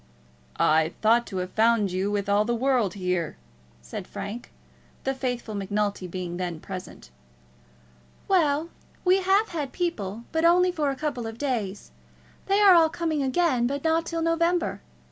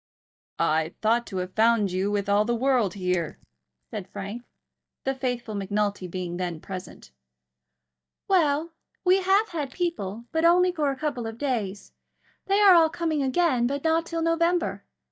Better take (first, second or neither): first